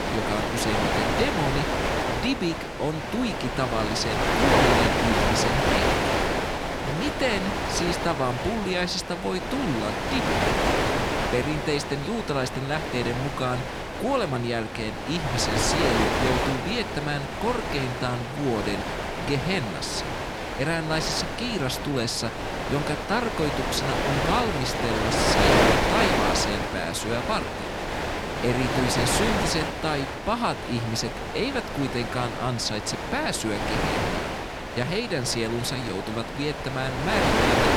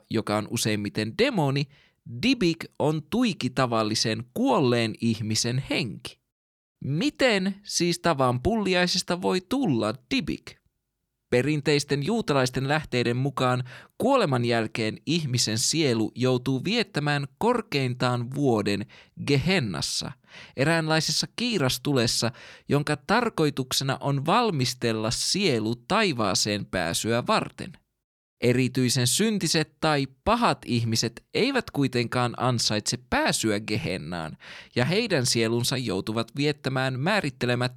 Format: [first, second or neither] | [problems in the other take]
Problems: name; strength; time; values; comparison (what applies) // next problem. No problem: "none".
second | wind noise on the microphone; heavy; 3 dB above the speech